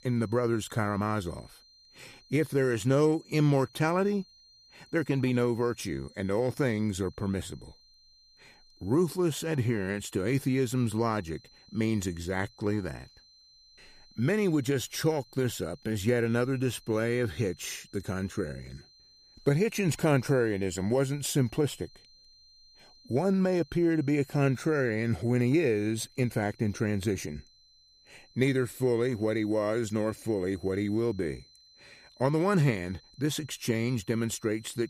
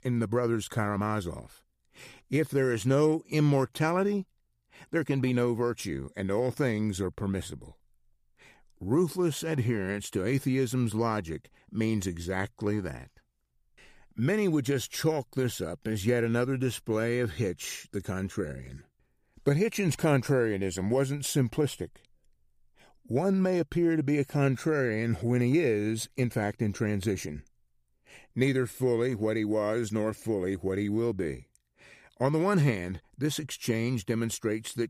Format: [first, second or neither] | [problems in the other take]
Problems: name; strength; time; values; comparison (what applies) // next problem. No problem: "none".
second | high-pitched whine; faint; throughout; 4 kHz, 25 dB below the speech